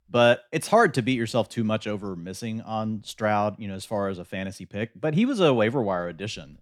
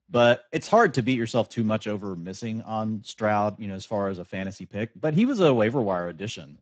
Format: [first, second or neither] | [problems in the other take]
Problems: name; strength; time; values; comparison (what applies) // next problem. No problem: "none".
first | garbled, watery; badly; nothing above 7.5 kHz